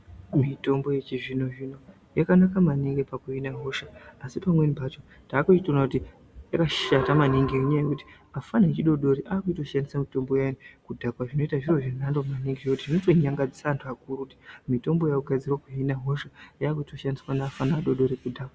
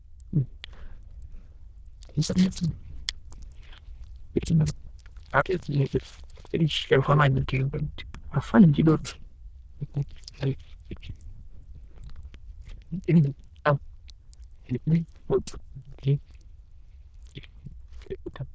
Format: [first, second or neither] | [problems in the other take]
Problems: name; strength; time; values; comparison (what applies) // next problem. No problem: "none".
first | noise reduction (neural diffusion model UNIVERSE++)